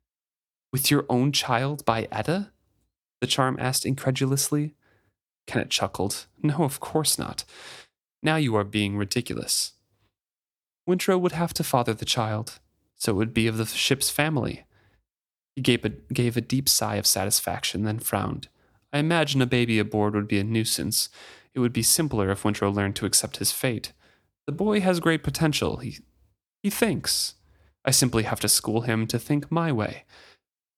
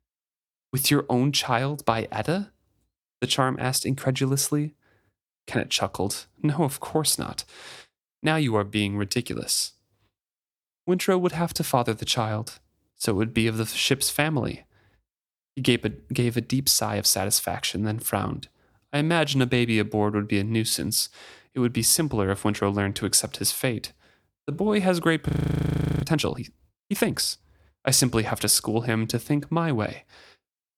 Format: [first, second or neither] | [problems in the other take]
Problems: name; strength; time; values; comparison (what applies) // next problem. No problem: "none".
first | audio freezing; at 25 s for 0.5 s